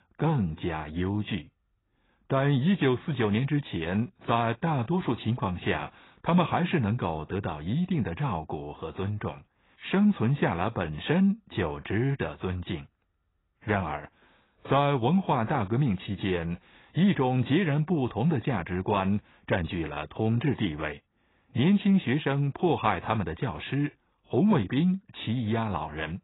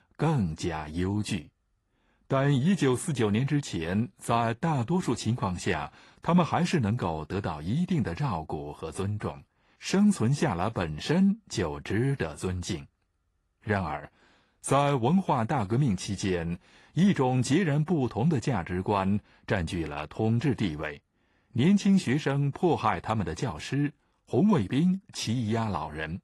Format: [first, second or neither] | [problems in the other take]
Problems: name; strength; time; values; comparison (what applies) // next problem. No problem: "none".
second | garbled, watery; badly; nothing above 4 kHz; slightly in the second